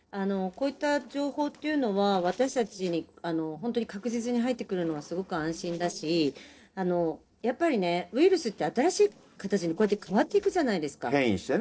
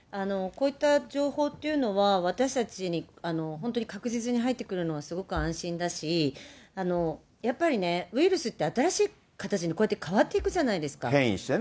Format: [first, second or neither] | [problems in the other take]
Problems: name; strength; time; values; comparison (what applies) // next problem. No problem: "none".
second | noise reduction (neural separator model SepFormer DNS4)